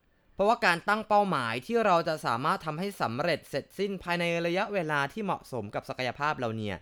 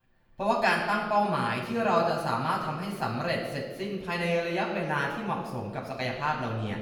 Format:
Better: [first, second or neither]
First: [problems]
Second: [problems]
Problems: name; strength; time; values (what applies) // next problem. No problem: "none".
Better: first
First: none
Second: off-mic speech; far // room echo; noticeable; dies away in 1.2 s